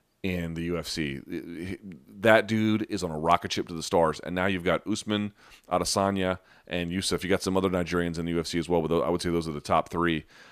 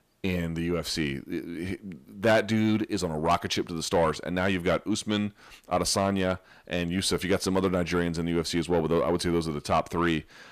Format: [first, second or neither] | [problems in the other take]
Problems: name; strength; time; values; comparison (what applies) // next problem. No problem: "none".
first | distortion; slight; 10 dB below the speech